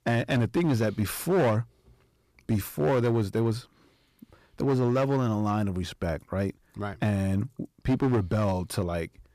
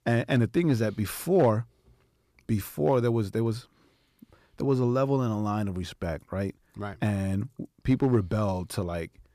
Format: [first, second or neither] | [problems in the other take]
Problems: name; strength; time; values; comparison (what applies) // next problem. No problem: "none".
second | distortion; slight; 8% of the sound clipped